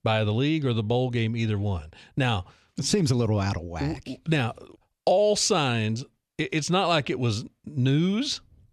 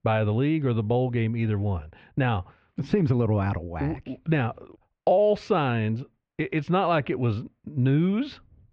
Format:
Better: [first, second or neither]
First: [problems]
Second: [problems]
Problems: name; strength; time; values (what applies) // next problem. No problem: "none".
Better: first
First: none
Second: muffled; very; fading above 2 kHz